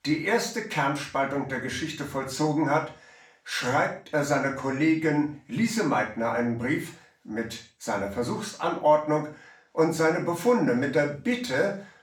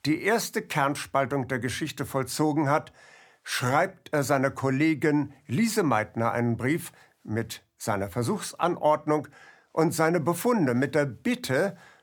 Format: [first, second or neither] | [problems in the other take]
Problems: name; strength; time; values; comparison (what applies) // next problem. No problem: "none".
second | room echo; noticeable; dies away in 0.4 s // off-mic speech; far